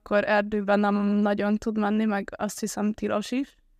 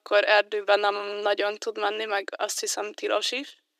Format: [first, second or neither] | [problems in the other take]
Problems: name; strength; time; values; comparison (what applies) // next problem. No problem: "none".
first | thin; very; fading below 300 Hz